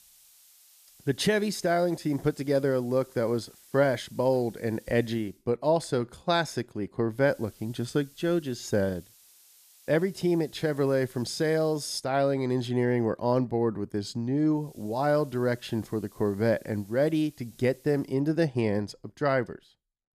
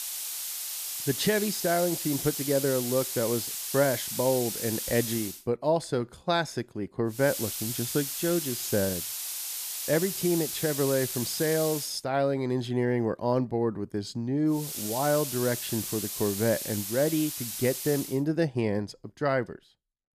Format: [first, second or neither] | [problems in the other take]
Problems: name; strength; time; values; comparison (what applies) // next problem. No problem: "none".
first | hiss; loud; until 5.5 s, from 7 to 12 s and from 15 to 18 s; 3 dB below the speech; faint in the first